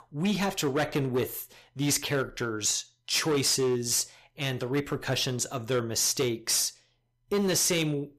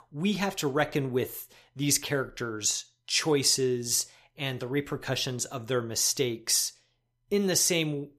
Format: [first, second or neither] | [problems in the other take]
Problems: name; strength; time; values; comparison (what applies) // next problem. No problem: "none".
second | distortion; slight; 10% of the sound clipped